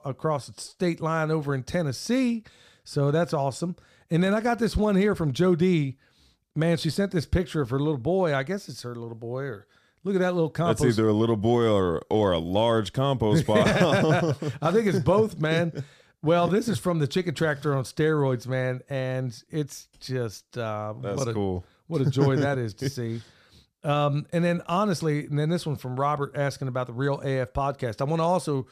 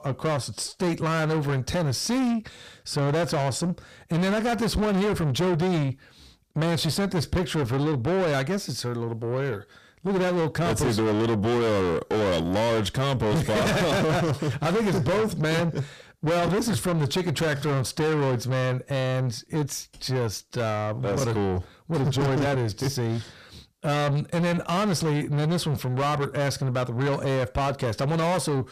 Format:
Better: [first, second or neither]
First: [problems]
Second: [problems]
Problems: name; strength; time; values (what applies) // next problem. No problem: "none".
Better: first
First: none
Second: distortion; heavy; 6 dB below the speech